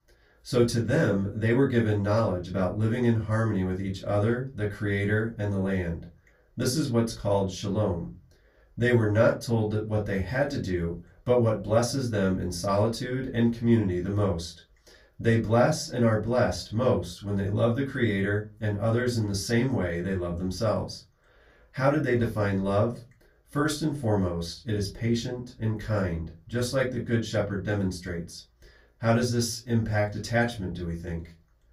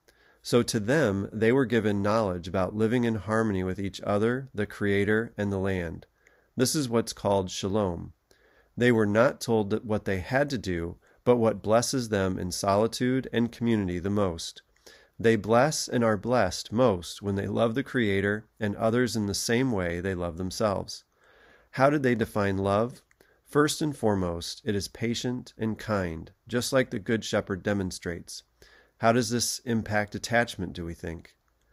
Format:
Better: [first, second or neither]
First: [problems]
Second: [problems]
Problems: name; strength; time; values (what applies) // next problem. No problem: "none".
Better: second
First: off-mic speech; far // room echo; very slight; dies away in 0.2 s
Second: none